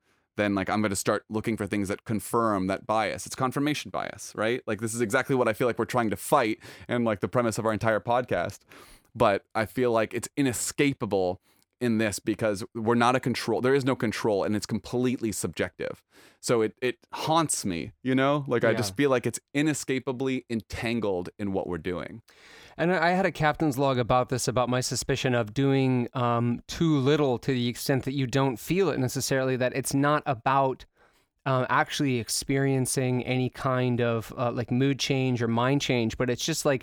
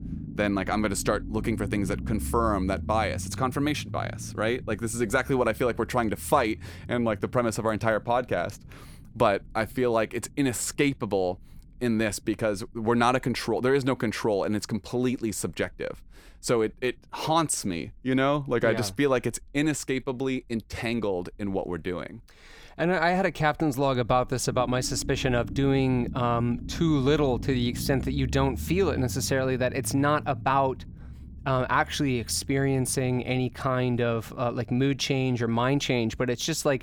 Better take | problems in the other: first | low rumble; faint; throughout; 20 dB below the speech

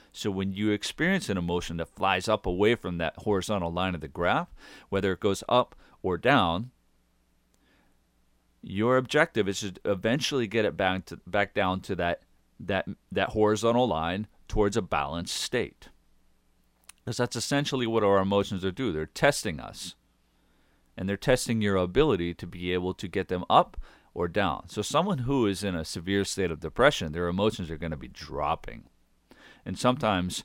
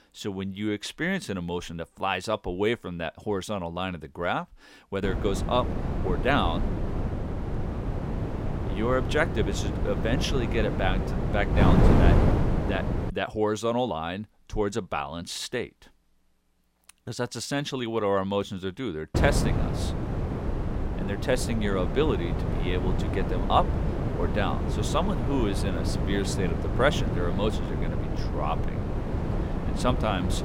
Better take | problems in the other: first | wind noise on the microphone; heavy; from 5 to 13 s and from 19 s on; 5 dB below the speech

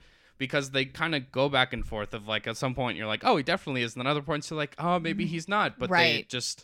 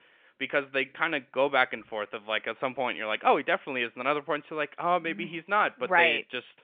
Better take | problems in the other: first | phone-call audio

